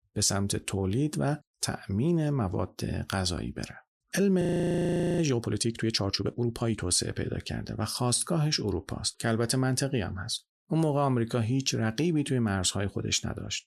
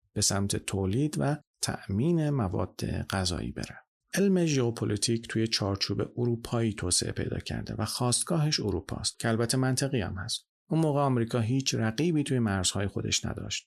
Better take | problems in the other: second | audio freezing; at 4.5 s for 1 s

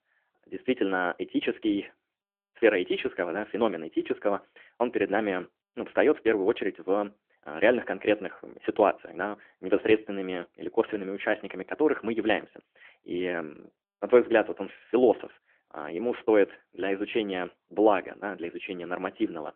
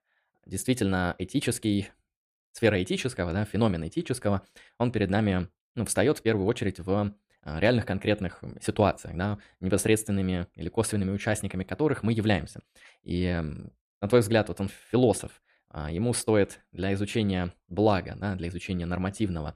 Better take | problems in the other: second | phone-call audio; nothing above 3.5 kHz

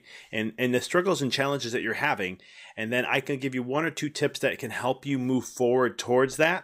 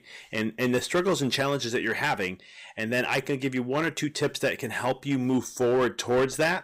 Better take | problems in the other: first | distortion; slight; 6% of the sound clipped

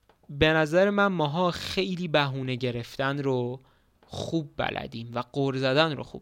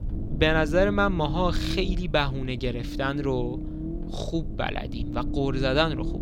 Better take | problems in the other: first | low rumble; noticeable; throughout; 15 dB below the speech

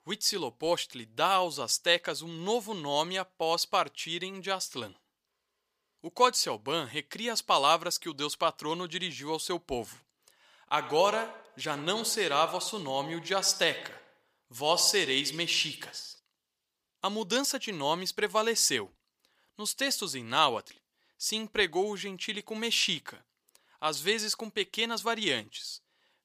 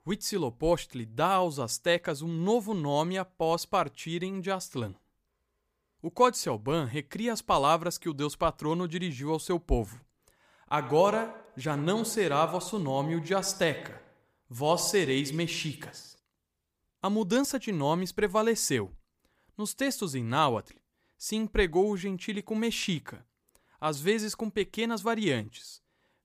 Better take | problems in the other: second | thin; somewhat; fading below 650 Hz

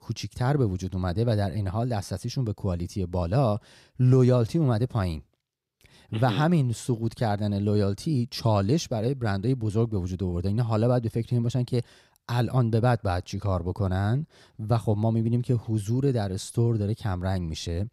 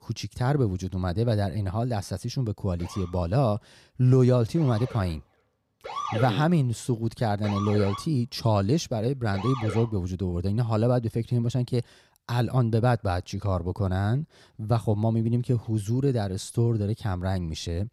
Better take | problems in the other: first | siren; noticeable; from 3 to 10 s; peak 5 dB below the speech

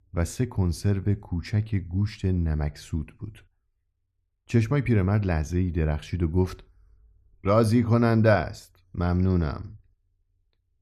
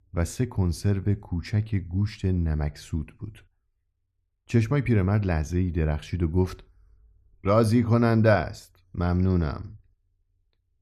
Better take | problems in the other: neither | none

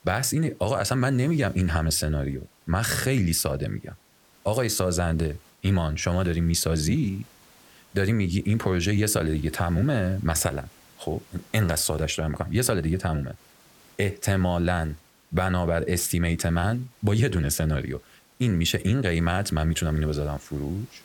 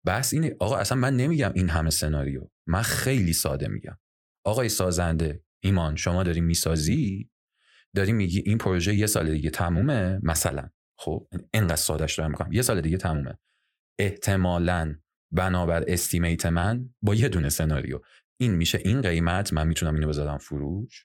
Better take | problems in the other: second | hiss; faint; throughout; 30 dB below the speech

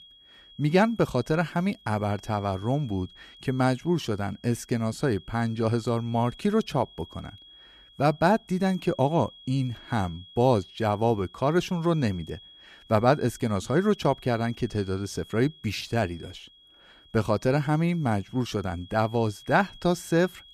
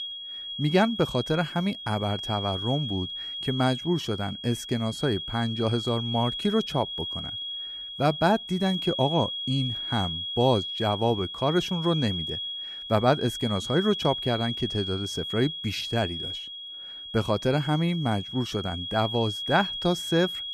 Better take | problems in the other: first | high-pitched whine; loud; throughout; 3.5 kHz, 5 dB below the speech; faint in the first

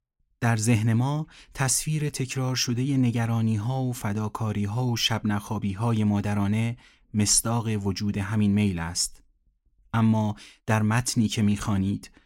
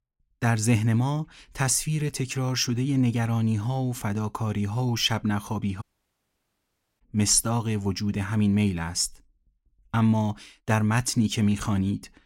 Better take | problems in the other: first | audio cutting out; at 6 s for 1 s

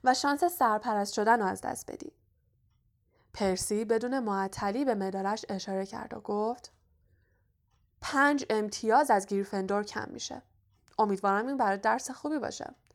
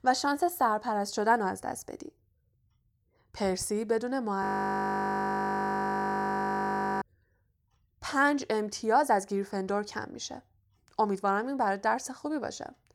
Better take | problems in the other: first | audio freezing; at 4.5 s for 2.5 s

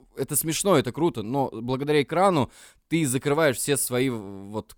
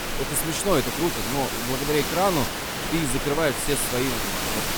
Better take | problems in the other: first | hiss; loud; throughout; 1 dB below the speech

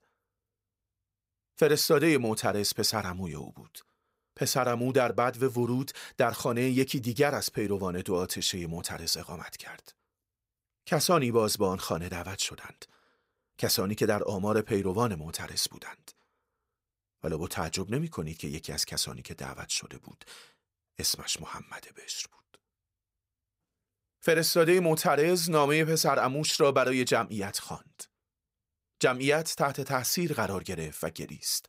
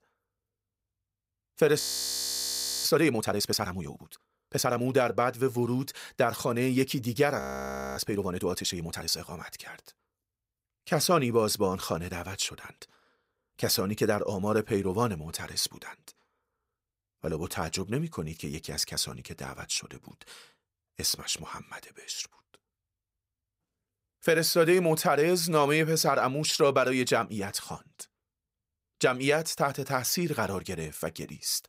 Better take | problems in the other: first | audio freezing; at 2 s for 1 s and at 7.5 s for 0.5 s

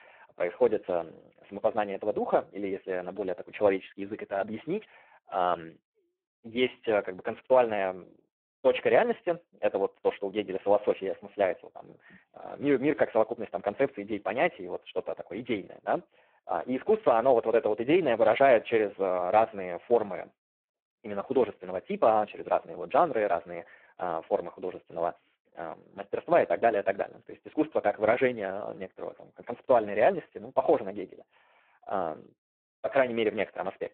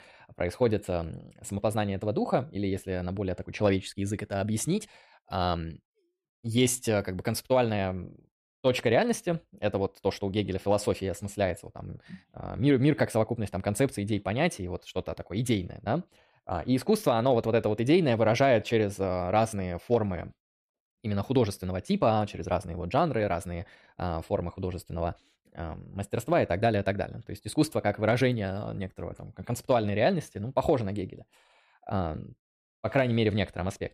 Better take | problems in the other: second | phone-call audio; poor line

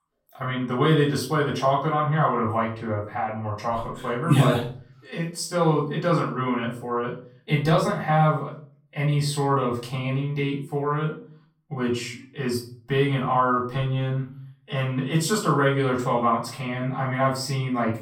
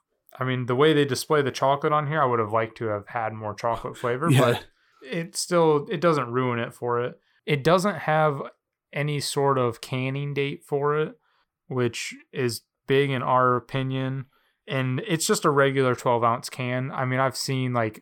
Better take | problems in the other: second | off-mic speech; far // room echo; slight; dies away in 0.4 s

